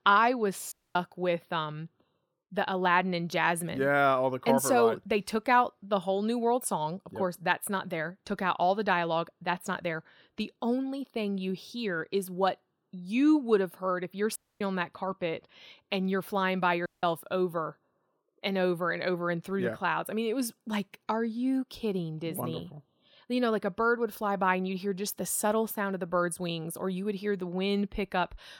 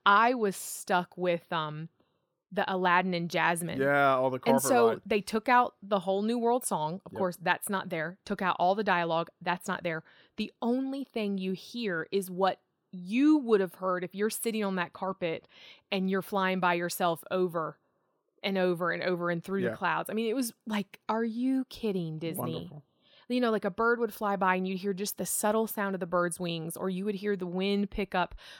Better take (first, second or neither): second